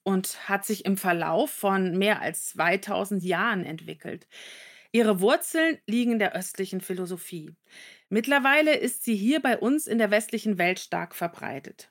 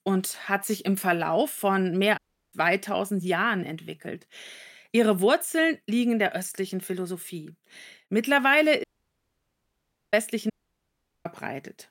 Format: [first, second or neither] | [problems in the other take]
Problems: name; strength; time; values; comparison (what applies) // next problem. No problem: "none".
first | audio cutting out; at 2 s, at 9 s for 1.5 s and at 11 s for 1 s